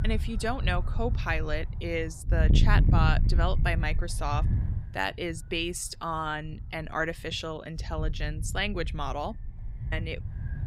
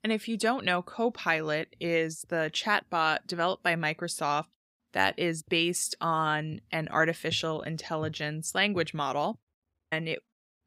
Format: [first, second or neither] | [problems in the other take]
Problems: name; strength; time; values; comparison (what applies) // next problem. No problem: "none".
second | wind noise on the microphone; occasional gusts; 10 dB below the speech